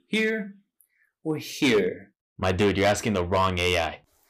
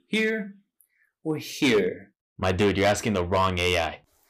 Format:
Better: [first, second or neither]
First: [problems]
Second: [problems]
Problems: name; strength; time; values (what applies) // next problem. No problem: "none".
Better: neither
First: distortion; slight; 4% of the sound clipped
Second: distortion; slight; 4% of the sound clipped